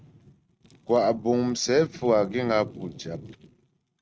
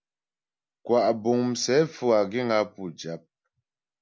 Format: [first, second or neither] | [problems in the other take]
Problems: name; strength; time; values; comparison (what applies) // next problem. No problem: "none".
second | noise reduction (neural mask model RNNoise)